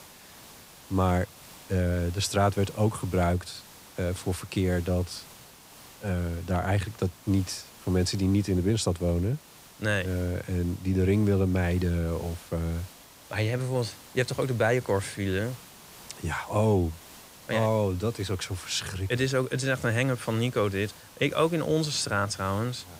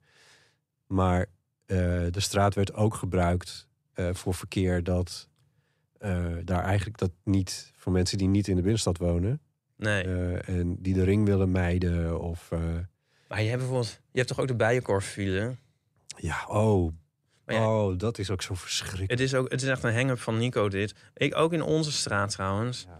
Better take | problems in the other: second | hiss; noticeable; throughout; 20 dB below the speech

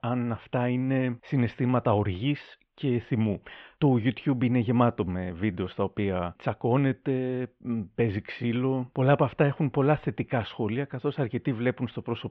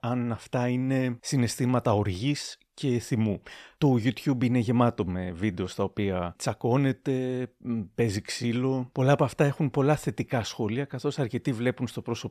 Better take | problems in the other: second | muffled; very; fading above 3 kHz

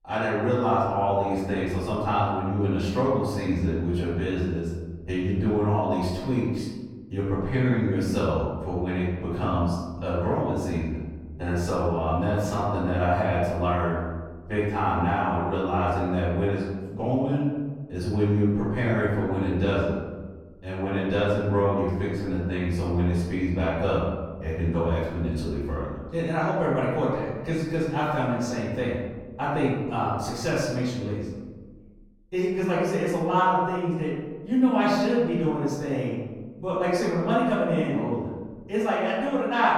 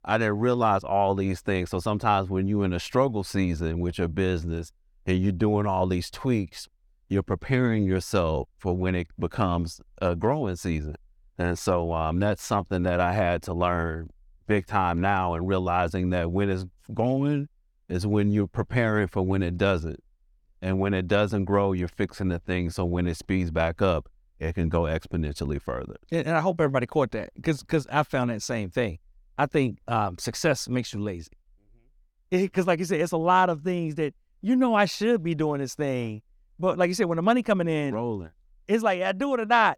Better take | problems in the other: second | room echo; noticeable; dies away in 1.2 s // off-mic speech; far

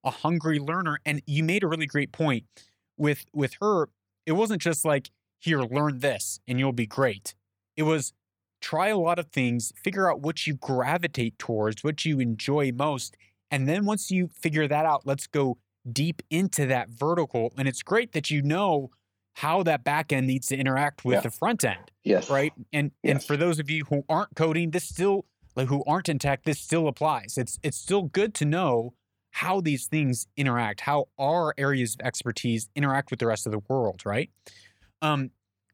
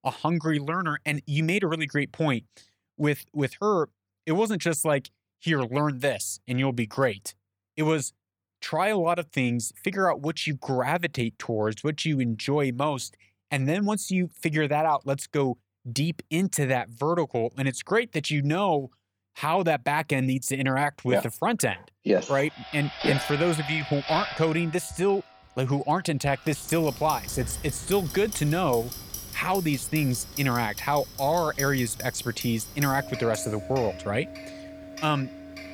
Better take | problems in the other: first | household noises; noticeable; from 23 s on; 10 dB below the speech

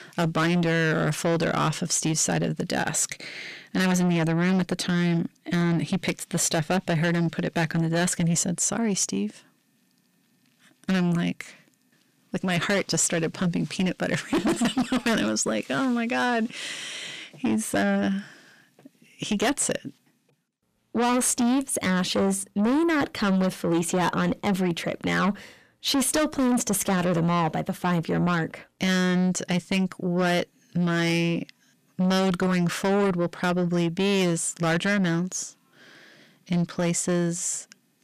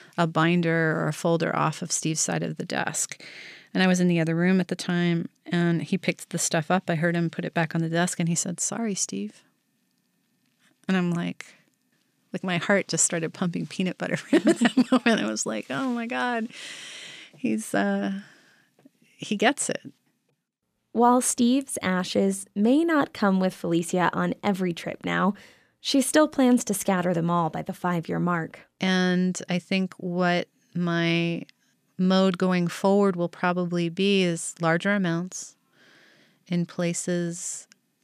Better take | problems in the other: second | distortion; heavy; 7 dB below the speech

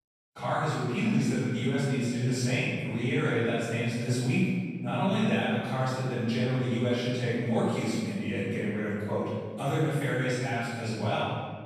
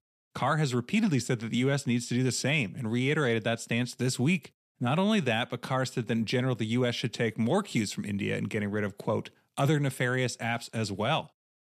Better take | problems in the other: second | off-mic speech; far // room echo; strong; dies away in 1.6 s

